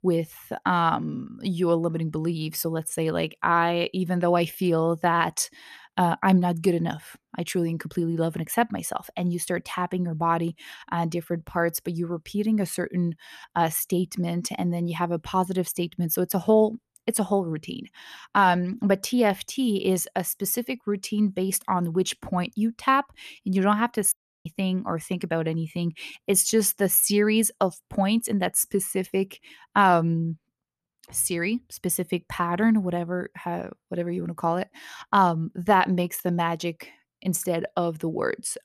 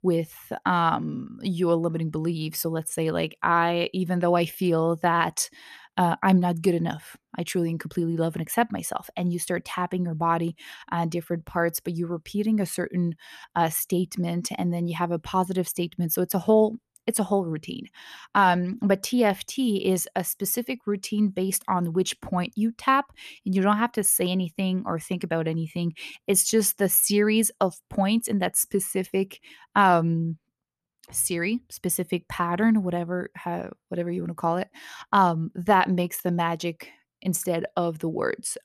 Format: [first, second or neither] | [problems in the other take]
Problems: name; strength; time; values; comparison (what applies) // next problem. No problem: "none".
second | audio cutting out; at 24 s